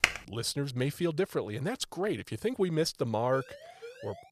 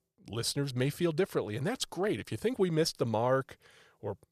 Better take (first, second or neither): second